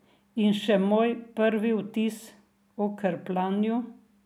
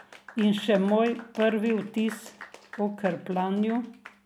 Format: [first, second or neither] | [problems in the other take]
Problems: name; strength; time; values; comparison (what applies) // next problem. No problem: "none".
first | background sound (Applause / Clapping); 19 dB below the speech